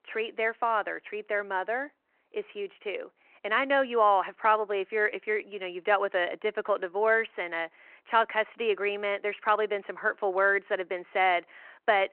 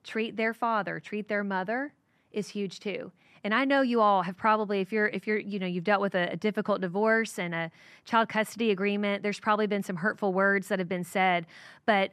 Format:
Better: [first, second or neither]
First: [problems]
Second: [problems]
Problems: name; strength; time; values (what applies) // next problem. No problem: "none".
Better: second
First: phone-call audio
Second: none